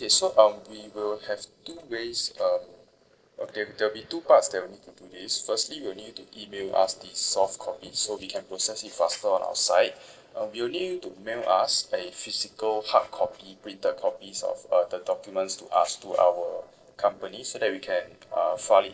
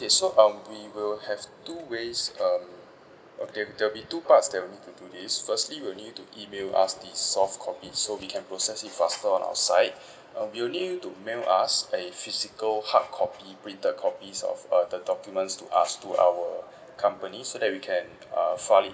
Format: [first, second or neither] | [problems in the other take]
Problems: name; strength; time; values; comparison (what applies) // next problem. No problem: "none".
second | noise reduction (neural separator model SepFormer DNS4)